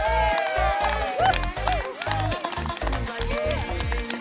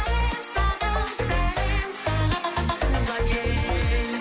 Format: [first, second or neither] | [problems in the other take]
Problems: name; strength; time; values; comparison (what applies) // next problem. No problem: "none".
second | background sound (Cheering); 1 dB above the speech